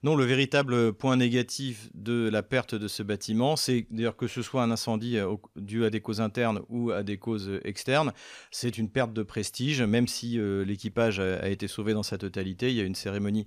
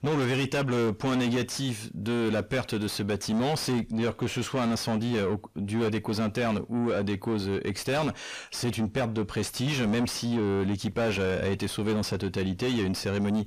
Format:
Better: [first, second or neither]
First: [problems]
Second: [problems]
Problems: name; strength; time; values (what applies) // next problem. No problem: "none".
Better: first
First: none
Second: distortion; heavy; 6 dB below the speech